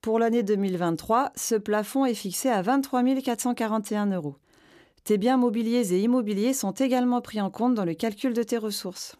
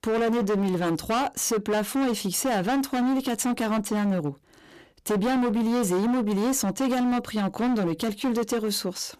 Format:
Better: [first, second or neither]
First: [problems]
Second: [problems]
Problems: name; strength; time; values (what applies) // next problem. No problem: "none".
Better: first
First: none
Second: distortion; heavy; 26% of the sound clipped